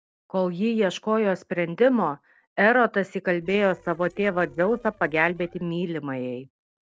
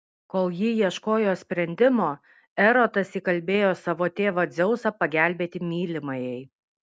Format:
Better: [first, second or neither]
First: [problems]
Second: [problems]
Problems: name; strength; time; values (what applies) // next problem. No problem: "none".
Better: second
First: noise reduction (neural separator model SepFormer DNS4)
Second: none